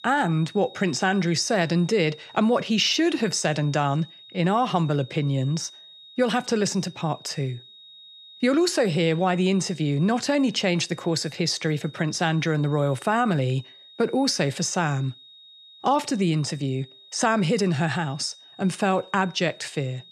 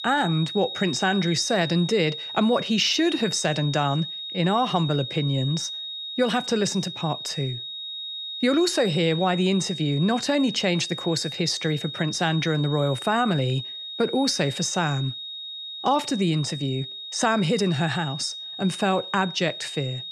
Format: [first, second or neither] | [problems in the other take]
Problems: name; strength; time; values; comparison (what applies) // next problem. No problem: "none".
first | high-pitched whine; loud; throughout; 3.5 kHz, 8 dB below the speech; faint in the first